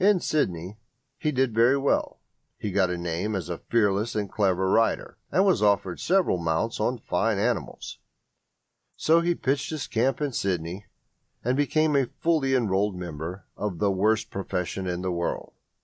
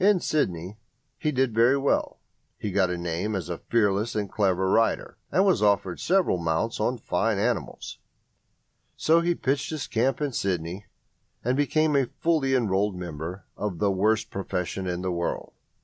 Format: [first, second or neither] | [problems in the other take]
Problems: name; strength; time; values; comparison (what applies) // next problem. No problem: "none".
second | noise reduction (neural mask model Resemble Enhance denoiser)